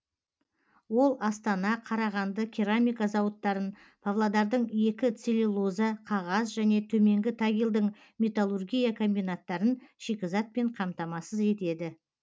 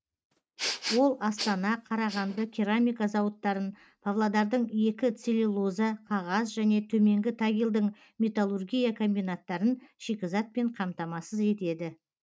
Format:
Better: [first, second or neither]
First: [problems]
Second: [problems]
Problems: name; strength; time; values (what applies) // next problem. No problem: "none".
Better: first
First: none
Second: noise reduction (neural mask model RNNoise)